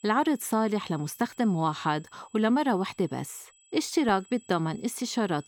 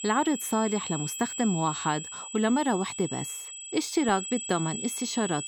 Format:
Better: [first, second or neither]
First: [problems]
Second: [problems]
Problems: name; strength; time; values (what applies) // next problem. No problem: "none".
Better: first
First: high-pitched whine; faint; throughout; 7.5 kHz, 25 dB below the speech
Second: high-pitched whine; loud; throughout; 7.5 kHz, 7 dB below the speech